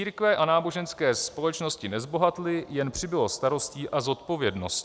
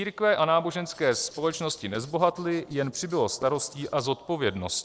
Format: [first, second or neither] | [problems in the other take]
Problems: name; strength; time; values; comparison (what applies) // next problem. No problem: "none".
first | noise reduction (neural separator model SepFormer DNS4)